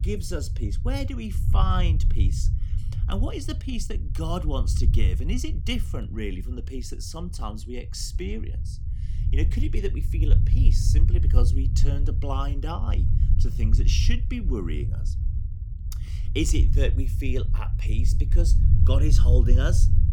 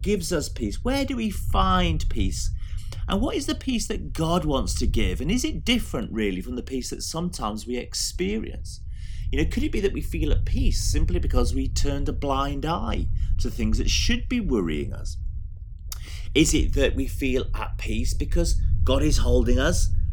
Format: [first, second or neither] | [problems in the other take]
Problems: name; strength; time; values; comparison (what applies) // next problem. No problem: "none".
second | low rumble; loud; throughout; 8 dB below the speech; faint in the second